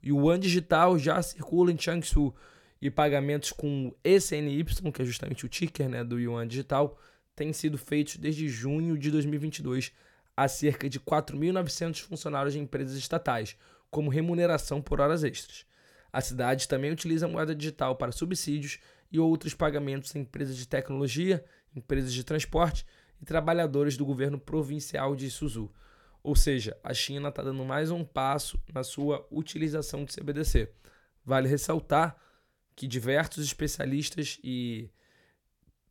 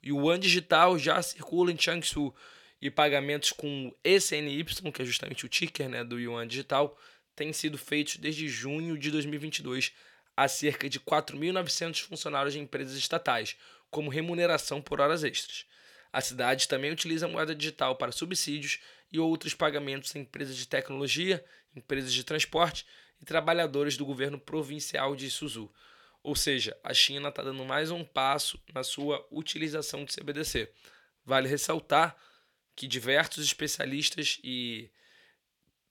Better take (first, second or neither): first